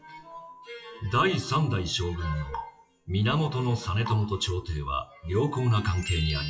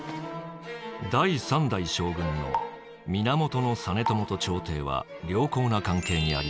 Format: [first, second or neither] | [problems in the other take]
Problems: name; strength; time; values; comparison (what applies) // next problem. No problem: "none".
second | noise reduction (classical method WPE with log-MMSE)